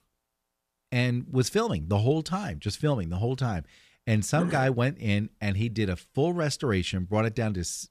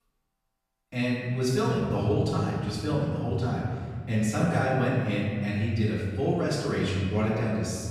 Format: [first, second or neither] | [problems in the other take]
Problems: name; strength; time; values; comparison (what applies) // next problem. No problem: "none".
first | off-mic speech; far // room echo; noticeable; dies away in 1.7 s